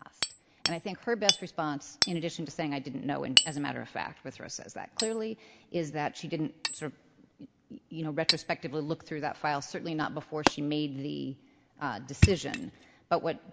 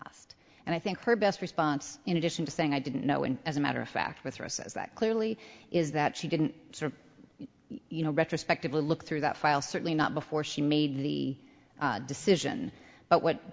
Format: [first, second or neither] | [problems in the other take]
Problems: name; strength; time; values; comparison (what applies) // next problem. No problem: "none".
second | background sound (Hammer); as loud as the speech